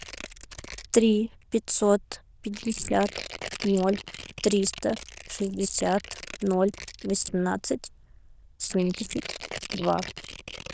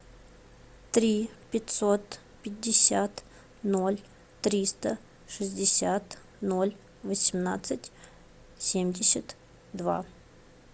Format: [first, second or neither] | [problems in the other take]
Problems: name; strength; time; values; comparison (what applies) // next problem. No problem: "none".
second | noise reduction (neural diffusion model UNIVERSE++)